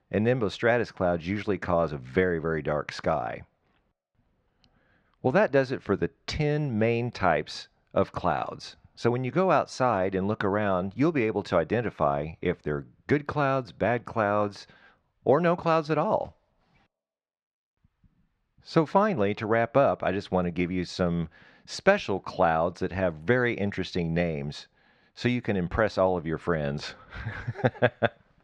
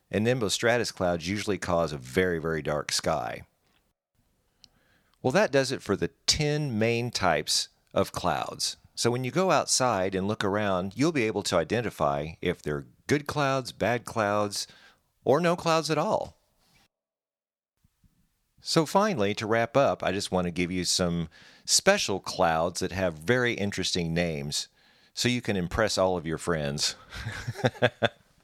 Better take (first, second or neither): second